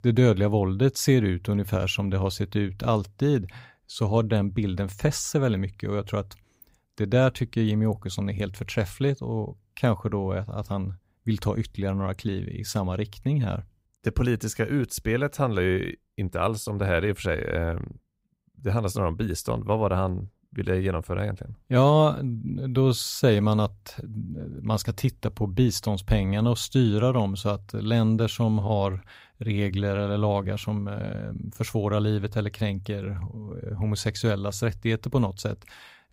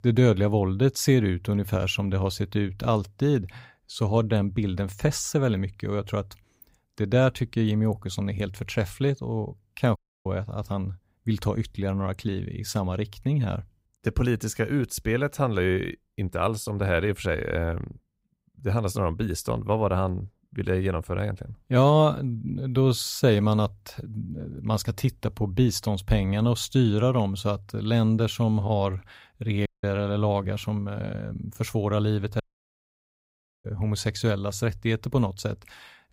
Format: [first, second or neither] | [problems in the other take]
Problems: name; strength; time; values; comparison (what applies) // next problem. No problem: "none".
first | audio cutting out; at 10 s, at 30 s and at 32 s for 1 s